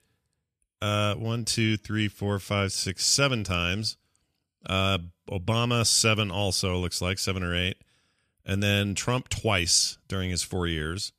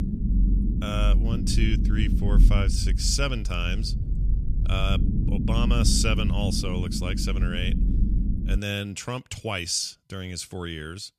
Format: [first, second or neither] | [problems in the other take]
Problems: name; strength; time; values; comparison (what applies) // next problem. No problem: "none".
first | low rumble; loud; until 8.5 s; 8 dB below the speech